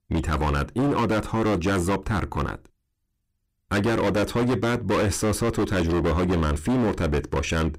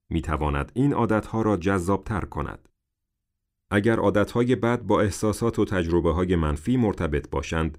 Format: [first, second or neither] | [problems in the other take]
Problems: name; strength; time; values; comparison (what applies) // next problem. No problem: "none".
second | distortion; heavy; 24% of the sound clipped